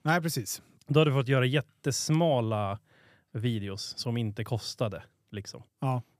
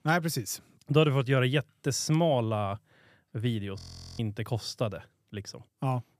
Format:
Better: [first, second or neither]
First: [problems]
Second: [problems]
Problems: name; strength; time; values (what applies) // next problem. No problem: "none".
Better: first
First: none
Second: audio freezing; at 4 s